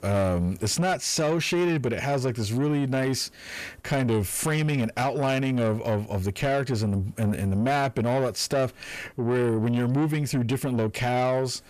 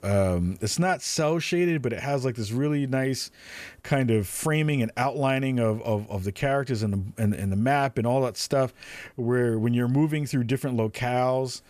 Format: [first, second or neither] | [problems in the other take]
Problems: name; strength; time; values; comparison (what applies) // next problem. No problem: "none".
second | distortion; slight; 10 dB below the speech